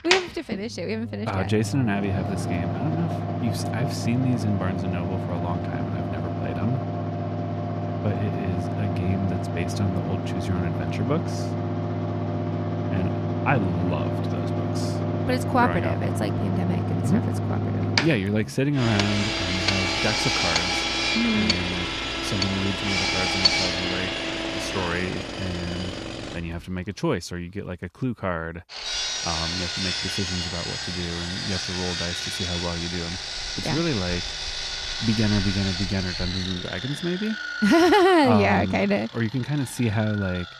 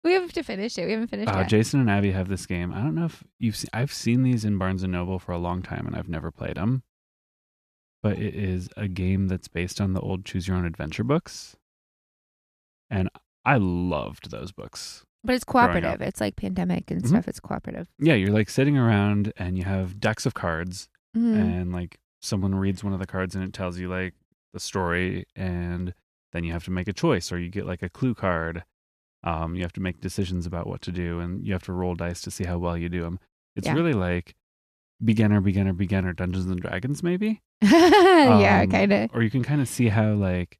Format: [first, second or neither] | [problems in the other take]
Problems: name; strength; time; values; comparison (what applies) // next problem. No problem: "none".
second | machinery noise; very loud; throughout; as loud as the speech